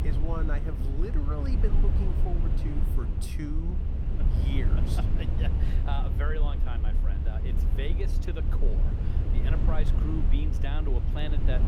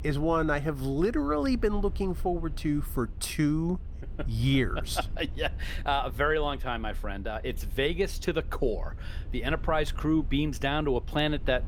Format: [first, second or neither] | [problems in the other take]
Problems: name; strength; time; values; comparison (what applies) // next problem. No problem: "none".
second | low rumble; loud; throughout; 3 dB below the speech; faint in the second